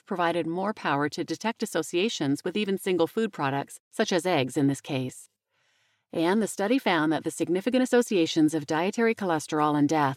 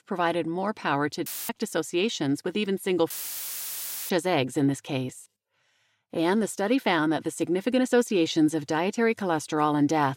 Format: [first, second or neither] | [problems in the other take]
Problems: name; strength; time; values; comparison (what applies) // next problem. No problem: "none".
first | audio cutting out; filled with static; at 1.5 s and at 3 s for 1 s